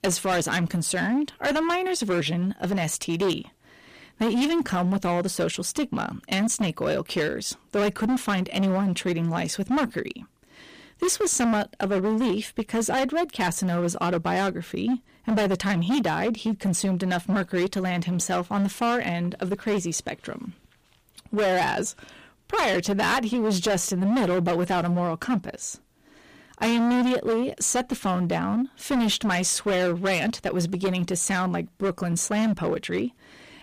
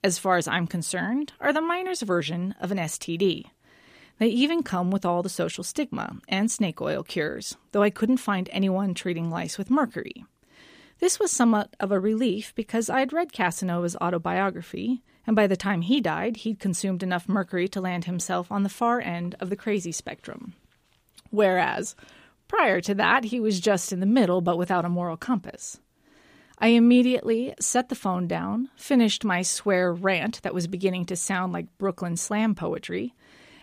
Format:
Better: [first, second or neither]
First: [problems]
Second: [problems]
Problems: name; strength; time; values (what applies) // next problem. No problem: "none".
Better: second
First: distortion; heavy; 16% of the sound clipped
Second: none